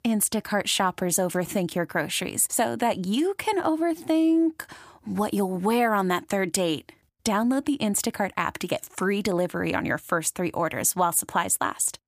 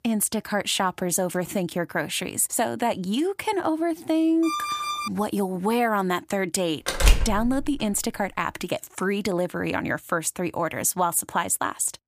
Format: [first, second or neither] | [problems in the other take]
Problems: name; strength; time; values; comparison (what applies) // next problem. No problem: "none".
first | alarm; noticeable; at 4.5 s; peak 2 dB below the speech // door banging; loud; at 7 s; peak 4 dB above the speech